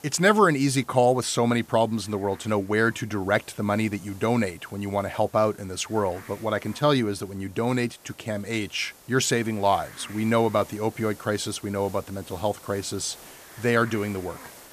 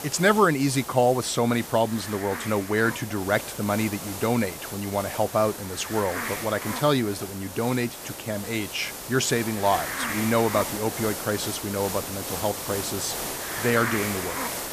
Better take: first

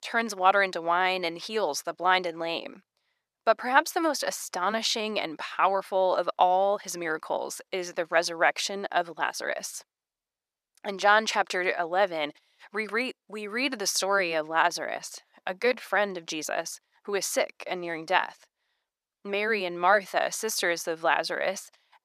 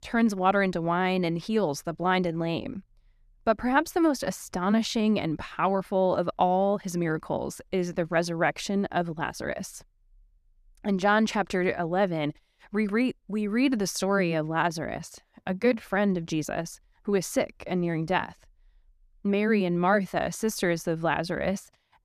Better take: second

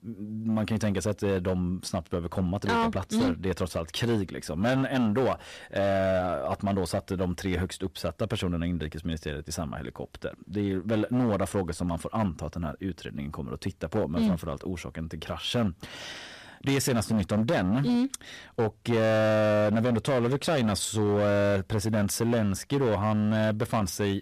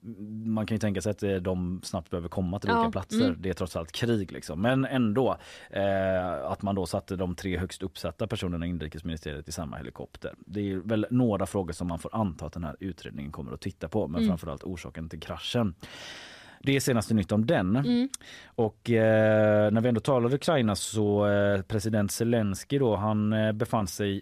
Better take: second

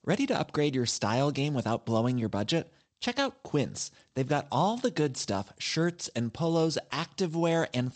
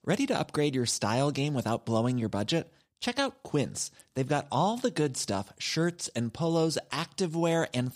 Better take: second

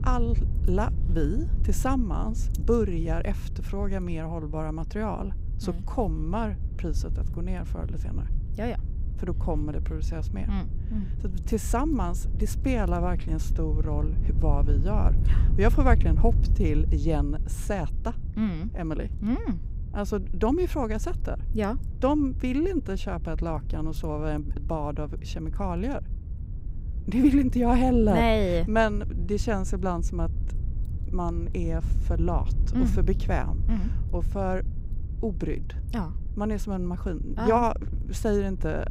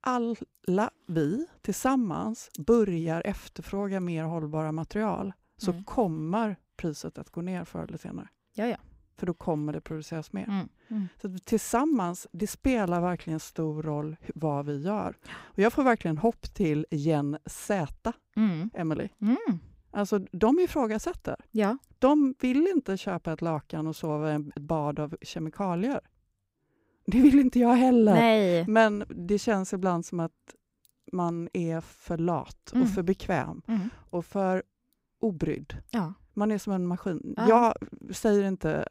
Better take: second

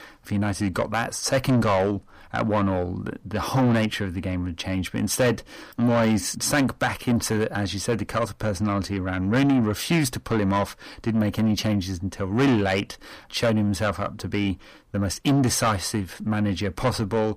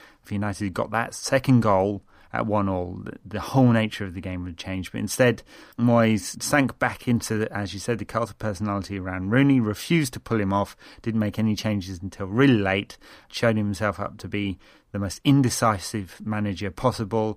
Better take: second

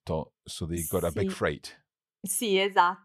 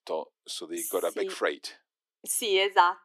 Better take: first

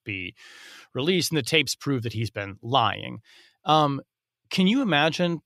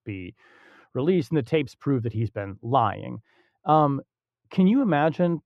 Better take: first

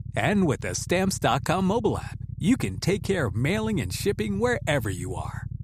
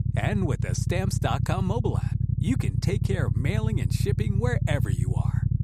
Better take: first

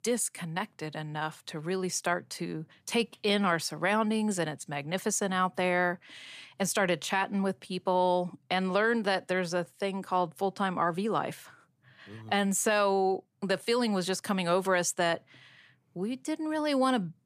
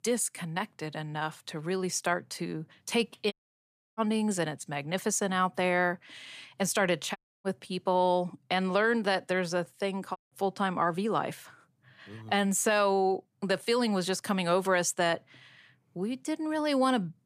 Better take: first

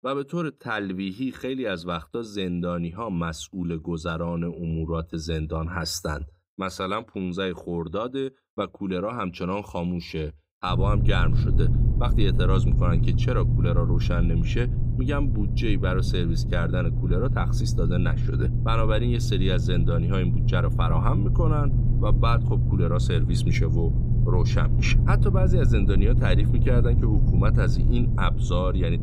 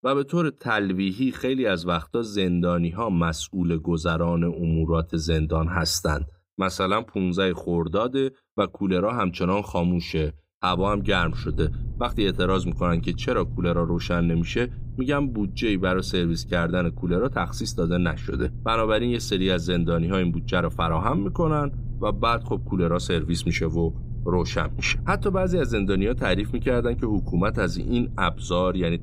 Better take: second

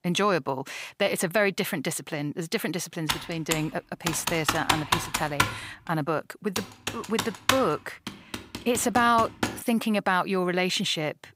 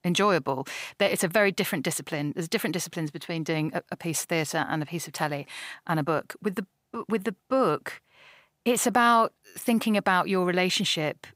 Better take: second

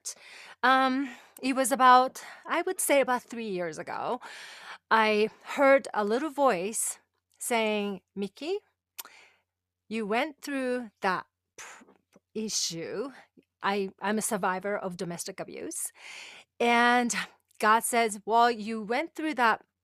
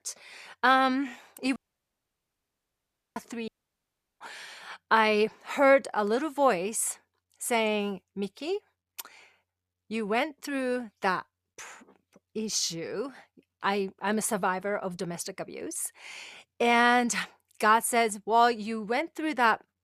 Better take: first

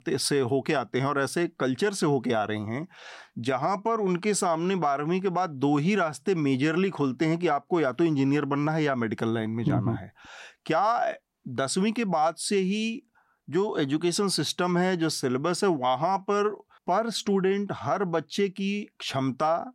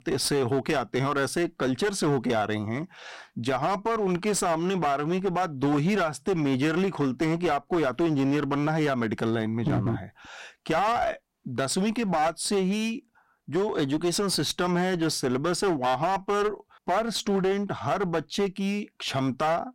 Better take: first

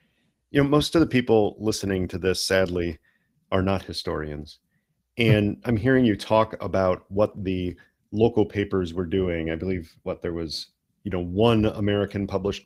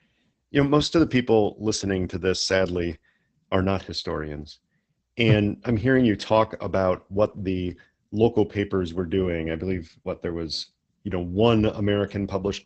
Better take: first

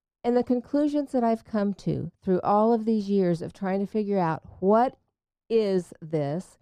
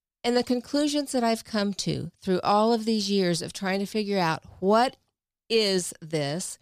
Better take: second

